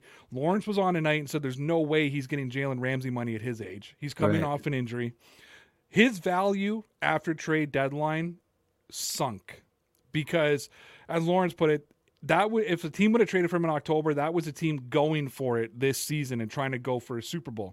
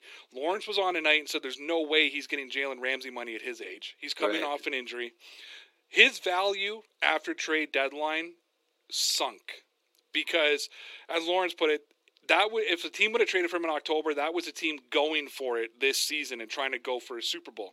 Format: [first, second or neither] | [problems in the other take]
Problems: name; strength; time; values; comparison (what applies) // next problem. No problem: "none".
first | thin; very; fading below 300 Hz